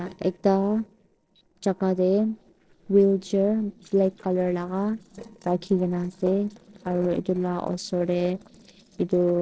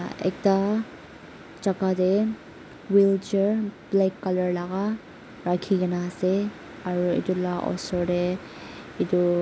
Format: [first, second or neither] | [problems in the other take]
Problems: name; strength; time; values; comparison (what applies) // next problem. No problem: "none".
second | noise reduction (neural separator model SepFormer DNS4)